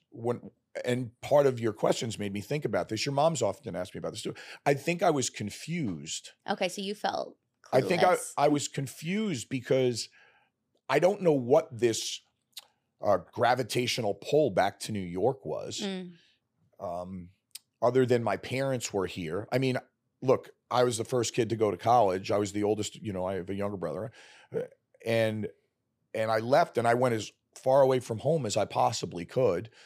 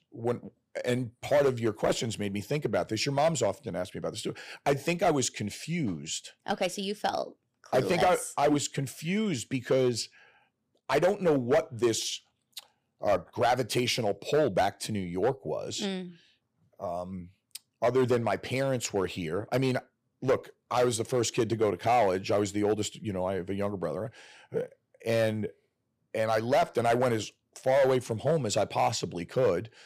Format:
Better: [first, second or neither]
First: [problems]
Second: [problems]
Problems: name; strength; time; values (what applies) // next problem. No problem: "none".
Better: first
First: none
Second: distortion; slight; 4% of the sound clipped